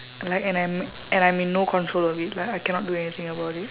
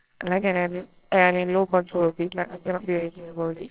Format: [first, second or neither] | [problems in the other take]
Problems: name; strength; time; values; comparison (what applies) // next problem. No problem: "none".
first | noise reduction (neural separator model SepFormer WHAMR!)